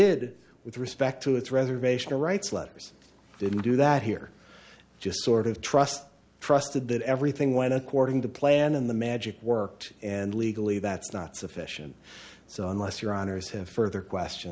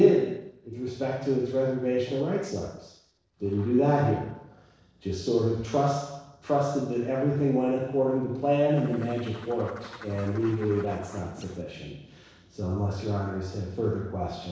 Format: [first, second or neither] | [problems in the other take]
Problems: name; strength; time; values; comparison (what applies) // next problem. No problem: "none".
first | noise reduction (neural separator model SepFormer DNS4)